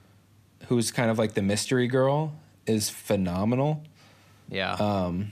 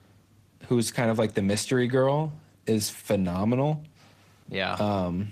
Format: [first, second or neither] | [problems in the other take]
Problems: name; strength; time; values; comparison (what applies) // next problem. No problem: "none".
first | garbled, watery; slightly; nothing above 14.5 kHz